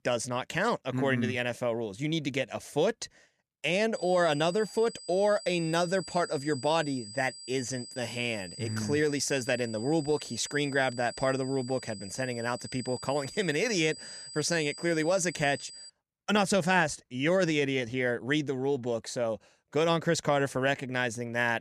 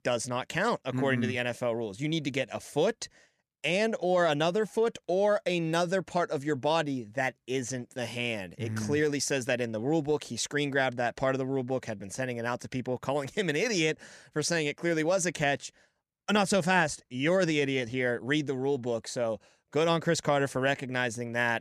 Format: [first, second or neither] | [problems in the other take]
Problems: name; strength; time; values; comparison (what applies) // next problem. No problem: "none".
second | high-pitched whine; noticeable; from 4 to 16 s; 5 kHz, 15 dB below the speech